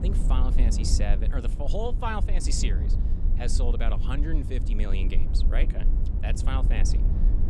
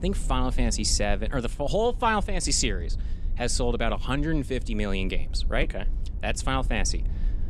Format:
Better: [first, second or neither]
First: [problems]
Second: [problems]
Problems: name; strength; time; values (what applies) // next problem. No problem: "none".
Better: second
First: low rumble; loud; throughout; 8 dB below the speech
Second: low rumble; faint; throughout; 25 dB below the speech